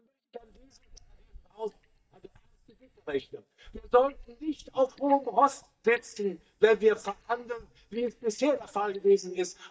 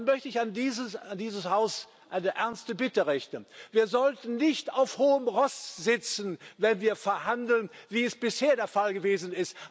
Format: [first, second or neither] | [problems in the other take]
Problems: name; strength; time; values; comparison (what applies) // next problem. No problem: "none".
second | noise reduction (neural mask model DeepFilterNet 3)